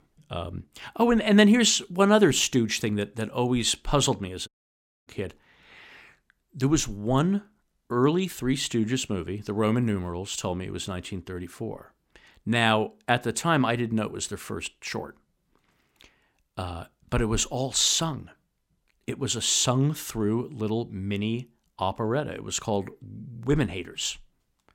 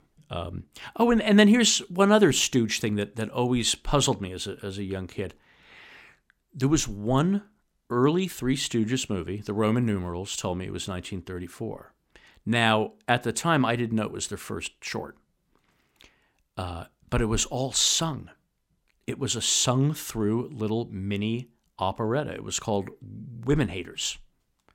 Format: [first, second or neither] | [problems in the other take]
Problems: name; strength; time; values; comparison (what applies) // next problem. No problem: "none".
second | audio cutting out; at 4.5 s for 0.5 s